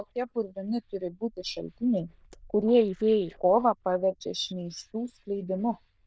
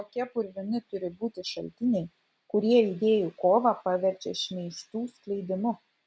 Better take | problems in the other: second | noise reduction (neural diffusion model UNIVERSE++)

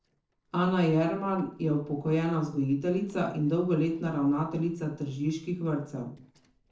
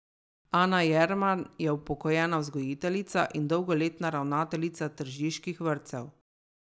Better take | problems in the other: second | noise reduction (neural separator model SepFormer DNS4)

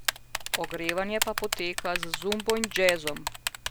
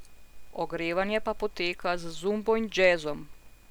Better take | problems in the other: second | background sound (Typing); 3 dB below the speech

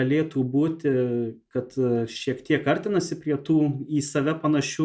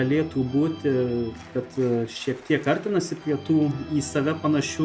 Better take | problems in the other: first | background sound (Organ); 17 dB below the speech

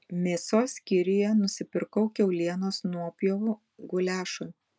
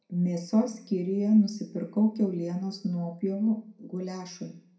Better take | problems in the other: first | room echo; dies away in 0.5 s

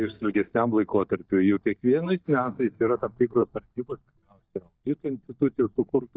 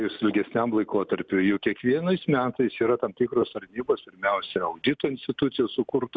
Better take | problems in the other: second | noise reduction (neural mask model DeepFilterNet 3)

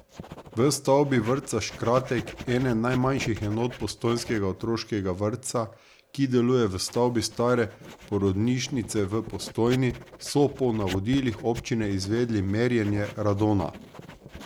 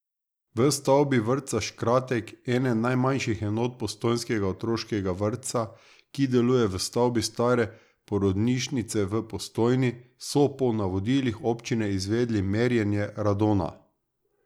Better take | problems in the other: second | background sound (Writing); 17 dB below the speech

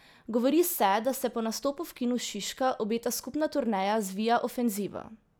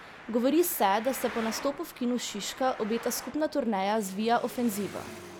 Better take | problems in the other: first | background sound (Traffic noise, roadway noise); 15 dB below the speech

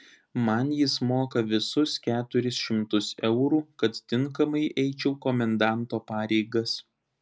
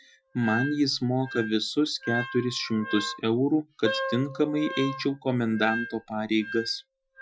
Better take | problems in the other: first | noise reduction (classical method Wiener filter)

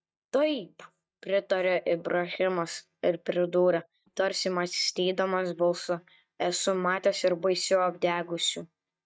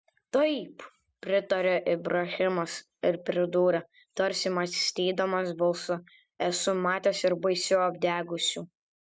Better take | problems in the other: second | noise reduction (neural mask model DeepFilterNet 3)

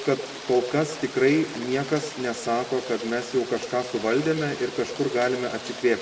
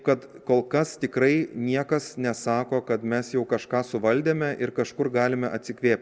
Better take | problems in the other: second | background sound (Rain); 13 dB below the speech // room echo; dies away in 1.3 s

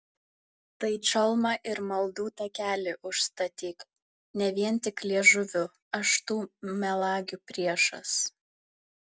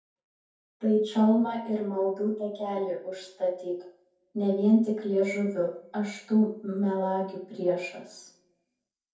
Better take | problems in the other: first | room echo; dies away in 0.6 s

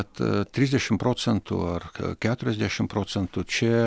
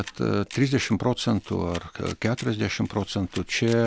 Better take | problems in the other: first | background sound (Camera); 20 dB below the speech

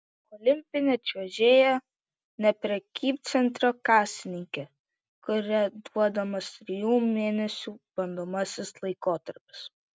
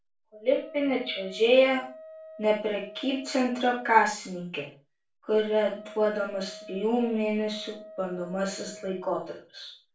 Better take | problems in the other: first | background sound (Wind instrument, woodwind instrument); 19 dB below the speech // room echo; dies away in 0.3 s

